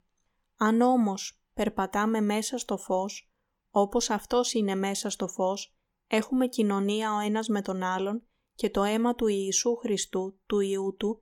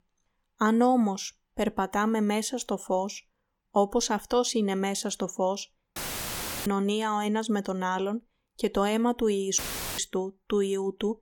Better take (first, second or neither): first